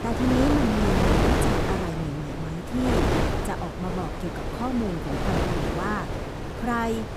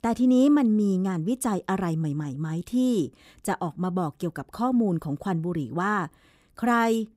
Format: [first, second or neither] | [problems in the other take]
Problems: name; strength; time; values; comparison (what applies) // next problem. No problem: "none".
second | wind noise on the microphone; heavy; 3 dB above the speech